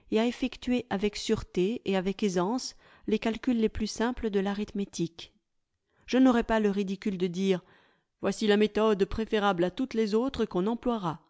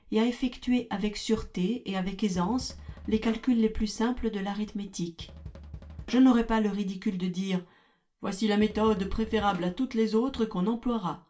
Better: first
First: none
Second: background sound (Drum kit); 18 dB below the speech // room echo; dies away in 0.2 s

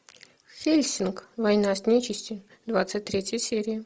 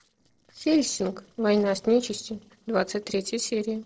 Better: first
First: none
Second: noise reduction (neural separator model SepFormer DNS4)

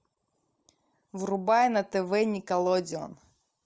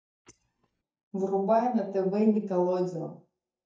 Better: first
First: none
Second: noise reduction (neural mask model DeepFilterNet 3)

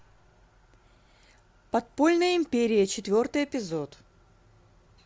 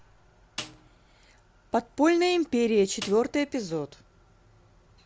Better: first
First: none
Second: background sound (Snare drum); 17 dB below the speech

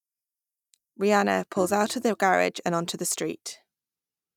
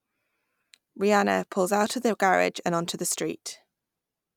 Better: second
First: noise reduction (neural mask model DeepFilterNet 3)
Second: none

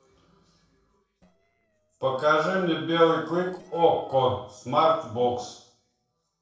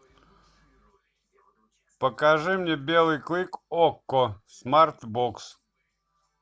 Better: second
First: noise reduction (neural separator model SepFormer DNS4)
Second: none

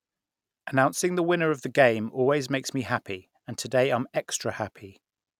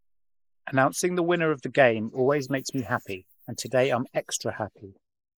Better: first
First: none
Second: noise reduction (neural mask model Resemble Enhance denoiser)

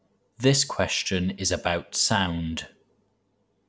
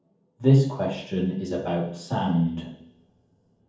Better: first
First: none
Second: room echo; dies away in 0.7 s

